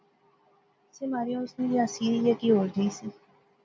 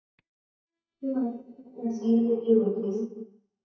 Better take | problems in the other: first | noise reduction (neural mask model DeepFilterNet 3)

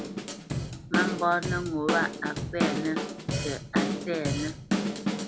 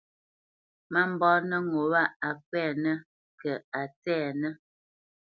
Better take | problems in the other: second | background sound (Drum / Drum kit); 2 dB above the speech

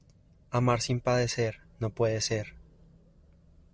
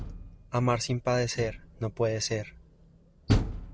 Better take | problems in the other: first | background sound (Door); 3 dB below the speech

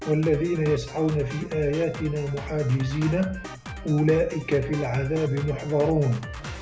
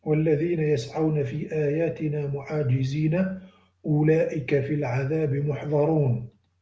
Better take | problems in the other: second | background sound (Drum kit); 12 dB below the speech

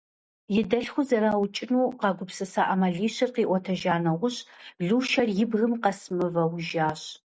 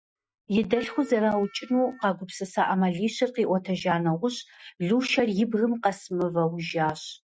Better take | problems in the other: first | noise reduction (classical method Wiener filter)

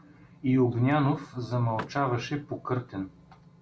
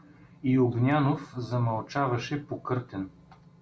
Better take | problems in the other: second | background sound (Vehicle); 17 dB below the speech

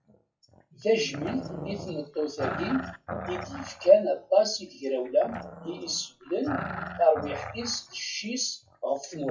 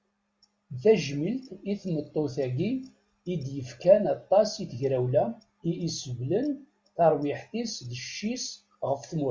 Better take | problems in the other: second | noise reduction (classical method WPE with log-MMSE)

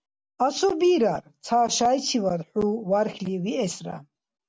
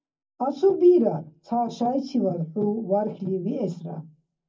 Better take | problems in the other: first | room echo; dies away in 0.4 s

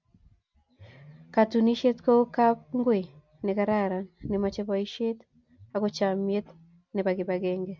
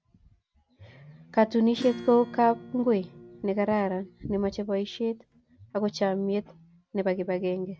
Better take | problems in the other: first | background sound (Acoustic guitar / Strum); 16 dB below the speech

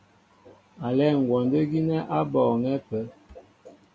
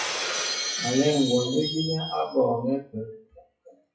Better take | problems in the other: first | noise reduction (classical method WPE with log-MMSE)

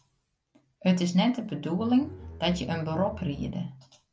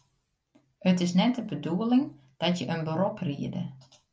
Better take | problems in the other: second | background sound (Bowed string instrument); 14 dB below the speech

